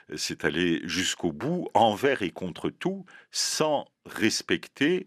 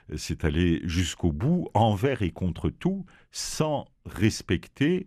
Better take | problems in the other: second | thin; somewhat; fading below 300 Hz

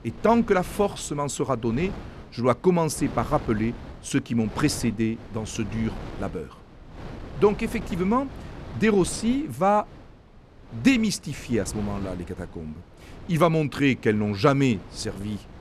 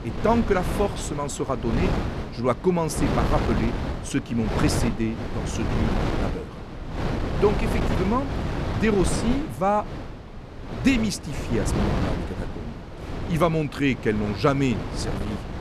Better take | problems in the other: first | wind noise on the microphone; heavy; 5 dB below the speech; occasional gusts in the first

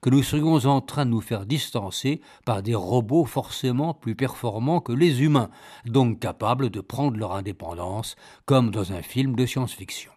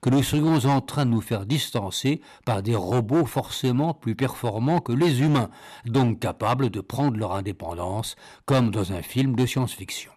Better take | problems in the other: first | distortion; slight; 6% of the sound clipped

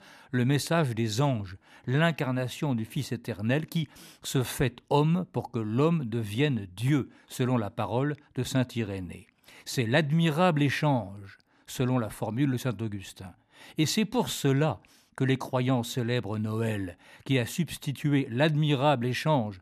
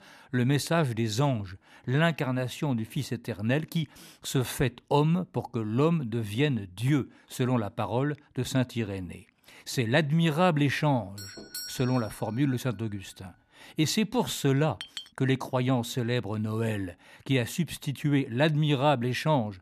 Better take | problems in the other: first | doorbell; noticeable; at 11 s; peak 9 dB below the speech // clattering dishes; faint; at 15 s; peak 10 dB below the speech

